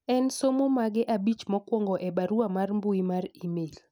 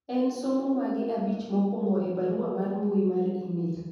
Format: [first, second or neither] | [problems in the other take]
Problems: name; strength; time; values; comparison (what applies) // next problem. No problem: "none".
first | room echo; dies away in 1.3 s